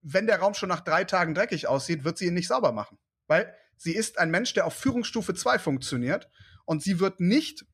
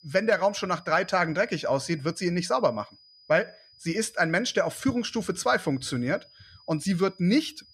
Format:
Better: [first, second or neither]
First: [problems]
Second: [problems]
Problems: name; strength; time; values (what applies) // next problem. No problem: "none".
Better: first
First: none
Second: high-pitched whine; faint; throughout; 5 kHz, 25 dB below the speech